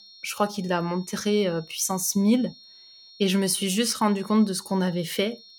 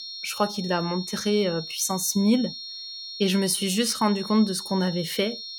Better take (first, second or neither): first